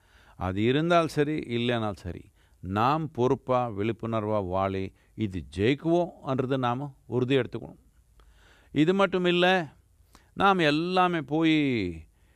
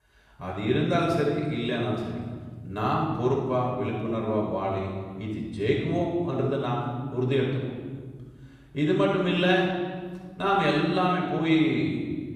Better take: first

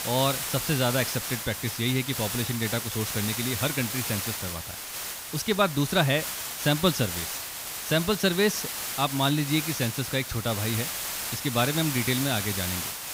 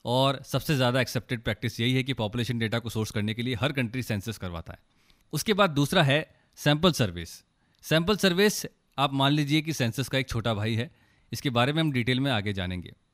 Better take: second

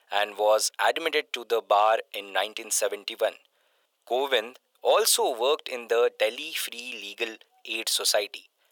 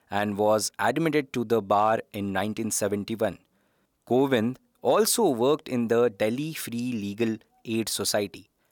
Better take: second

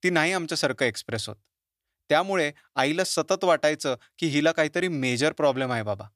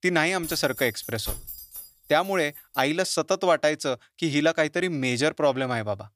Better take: first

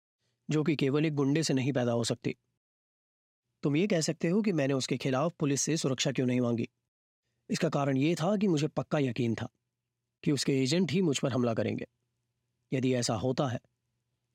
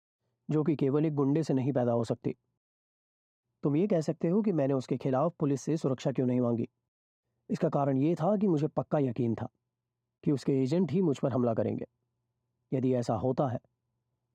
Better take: first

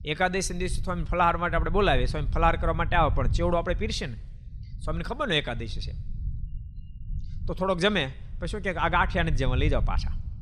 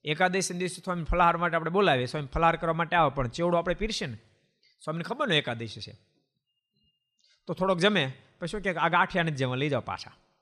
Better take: second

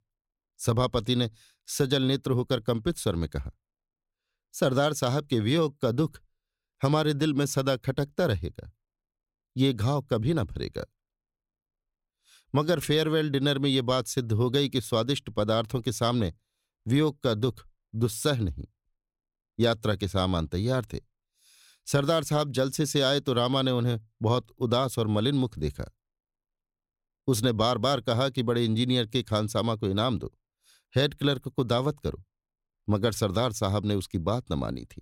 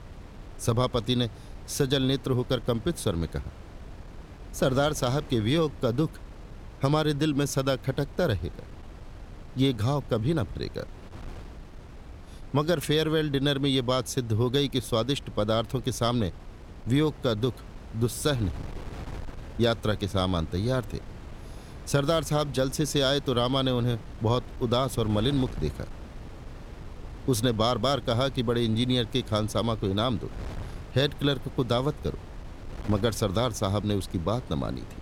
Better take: first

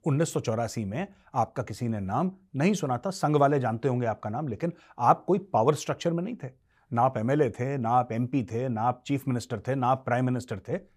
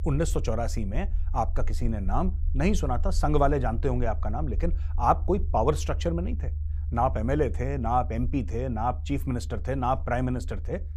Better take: first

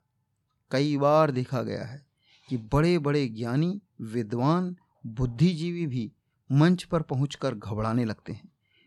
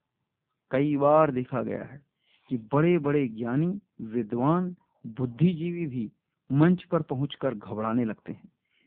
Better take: first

